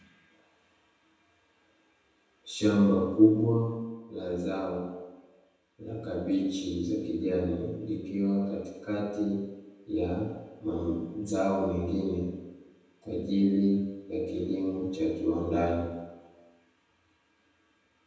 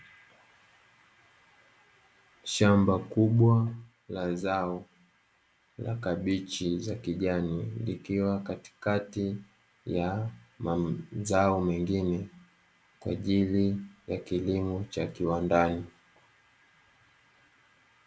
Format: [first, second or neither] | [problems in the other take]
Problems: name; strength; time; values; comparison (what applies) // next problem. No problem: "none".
second | room echo; dies away in 1.1 s